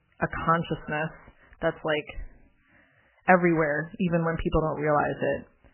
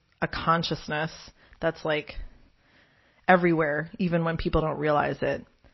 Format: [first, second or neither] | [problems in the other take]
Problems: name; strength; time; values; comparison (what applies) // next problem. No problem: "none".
second | garbled, watery; badly; nothing above 3 kHz; slightly in the second